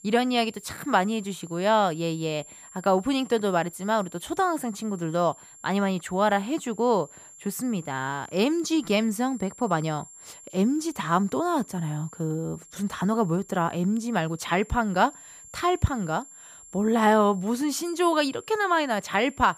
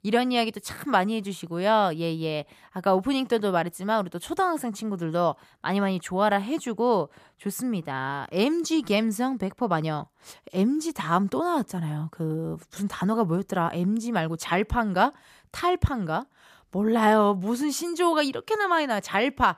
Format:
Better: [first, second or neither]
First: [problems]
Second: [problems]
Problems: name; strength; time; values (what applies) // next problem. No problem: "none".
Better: second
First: high-pitched whine; faint; throughout; 7.5 kHz, 20 dB below the speech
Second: none